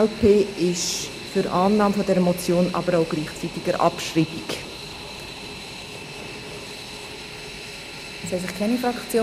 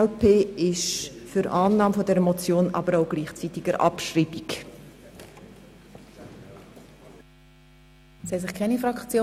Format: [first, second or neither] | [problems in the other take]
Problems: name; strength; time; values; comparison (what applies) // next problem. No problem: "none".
second | background sound (Fixed-wing aircraft, airplane); 12 dB below the speech